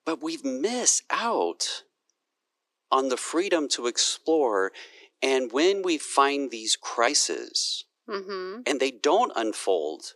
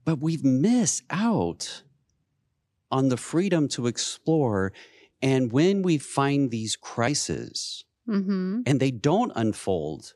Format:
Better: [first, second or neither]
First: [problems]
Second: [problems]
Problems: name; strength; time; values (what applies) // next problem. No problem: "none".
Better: second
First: thin; very; fading below 350 Hz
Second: none